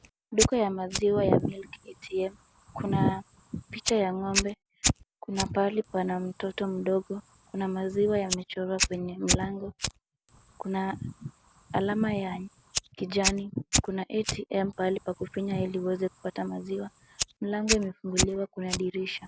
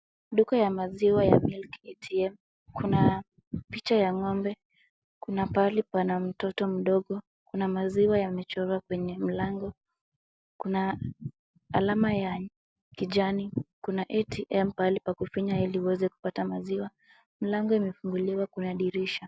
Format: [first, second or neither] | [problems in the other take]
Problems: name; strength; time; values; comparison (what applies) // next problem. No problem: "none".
second | background sound (Fire); 5 dB below the speech